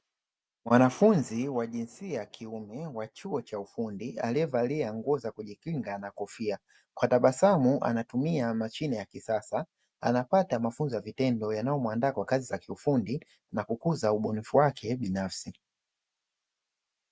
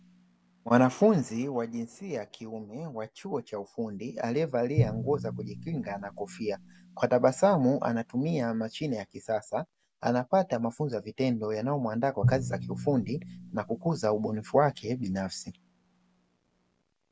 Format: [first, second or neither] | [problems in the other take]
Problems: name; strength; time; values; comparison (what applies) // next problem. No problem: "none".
first | background sound (Drum); 10 dB below the speech